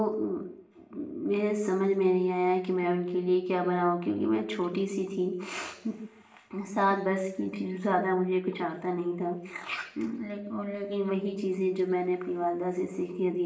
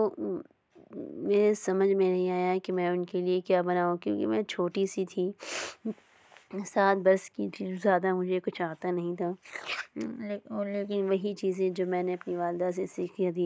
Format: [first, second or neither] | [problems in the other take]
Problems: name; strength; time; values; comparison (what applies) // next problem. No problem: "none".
second | room echo; dies away in 0.8 s